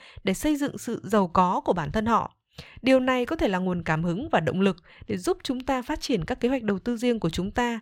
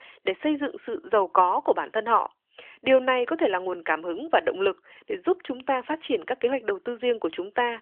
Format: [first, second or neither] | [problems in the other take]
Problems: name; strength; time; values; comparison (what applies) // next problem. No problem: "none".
first | phone-call audio; nothing above 3 kHz